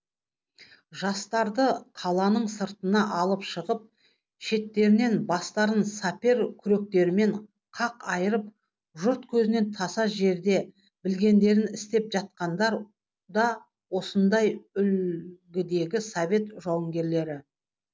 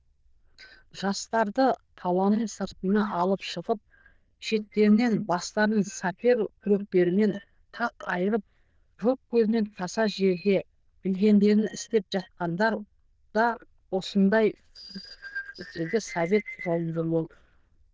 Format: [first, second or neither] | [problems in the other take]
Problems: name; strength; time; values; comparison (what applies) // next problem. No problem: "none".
first | noise reduction (neural diffusion model UNIVERSE++)